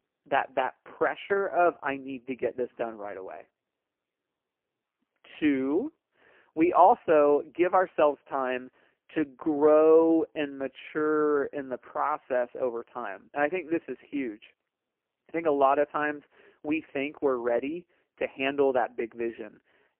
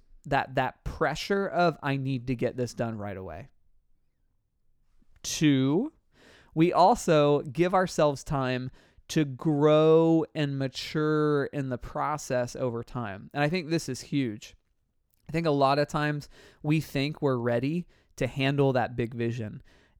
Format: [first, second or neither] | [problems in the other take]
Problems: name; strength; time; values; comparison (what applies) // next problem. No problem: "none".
second | phone-call audio; poor line; nothing above 3 kHz